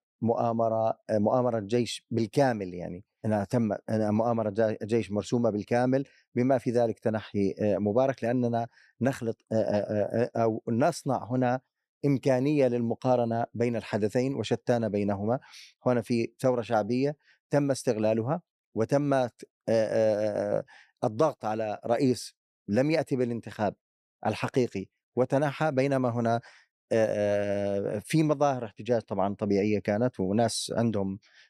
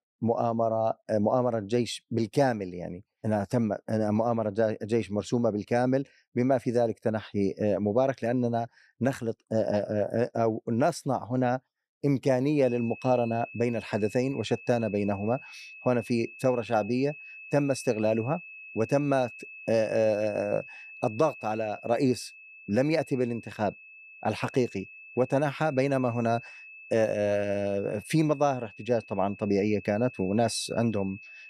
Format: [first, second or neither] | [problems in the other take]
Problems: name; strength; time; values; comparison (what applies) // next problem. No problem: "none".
first | high-pitched whine; noticeable; from 13 s on; 2.5 kHz, 15 dB below the speech